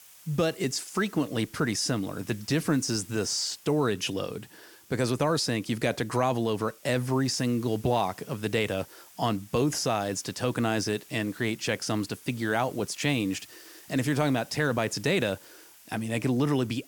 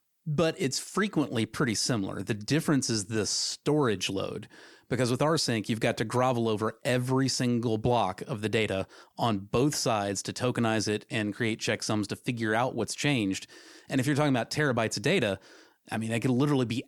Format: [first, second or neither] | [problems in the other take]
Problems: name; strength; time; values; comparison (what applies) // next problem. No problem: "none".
second | hiss; faint; throughout; 20 dB below the speech